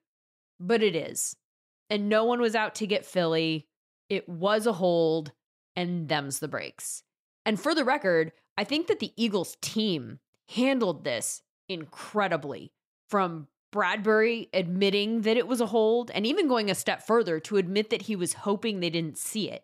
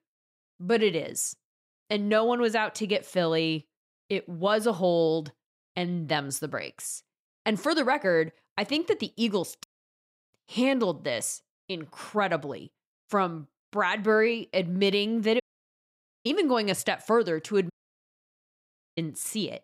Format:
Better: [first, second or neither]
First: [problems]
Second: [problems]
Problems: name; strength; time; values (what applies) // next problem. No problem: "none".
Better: first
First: none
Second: audio cutting out; at 9.5 s for 0.5 s, at 15 s for 1 s and at 18 s for 1.5 s